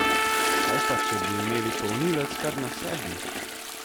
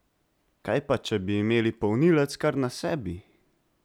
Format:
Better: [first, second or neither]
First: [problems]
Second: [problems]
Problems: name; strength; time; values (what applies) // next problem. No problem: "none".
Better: second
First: background sound (Trumpet + Toilet flush); 5 dB above the speech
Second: none